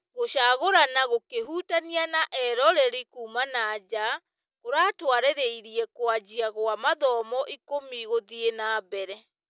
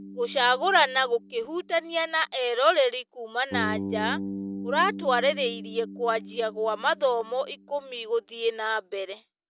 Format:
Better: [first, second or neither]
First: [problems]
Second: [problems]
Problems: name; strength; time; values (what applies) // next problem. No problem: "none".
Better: first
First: none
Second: background sound (Bass guitar); 12 dB below the speech